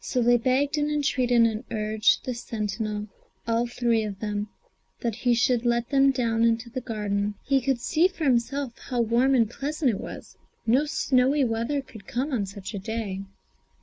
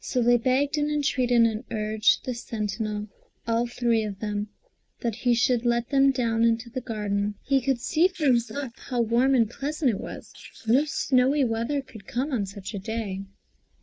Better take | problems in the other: first | noise reduction (neural mask model Resemble Enhance denoiser)

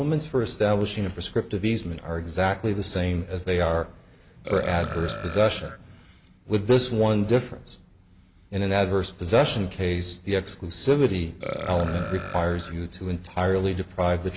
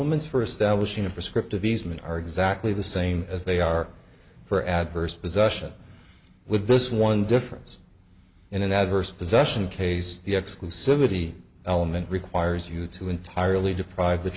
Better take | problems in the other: second | background sound (Burping, eructation); 11 dB below the speech

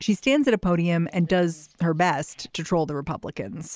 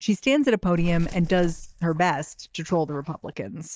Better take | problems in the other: first | noise reduction (neural mask model DeepFilterNet 3)

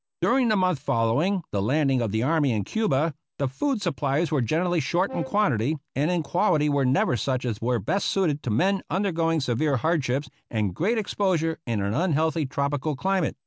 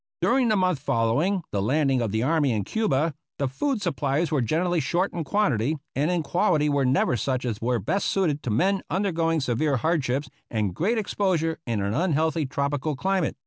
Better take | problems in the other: second | background sound (Brass instrument); 18 dB below the speech

